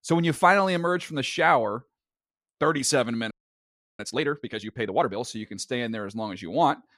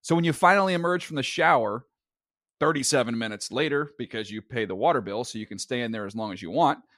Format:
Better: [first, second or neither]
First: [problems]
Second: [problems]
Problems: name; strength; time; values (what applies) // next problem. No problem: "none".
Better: second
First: audio freezing; at 3.5 s for 0.5 s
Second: none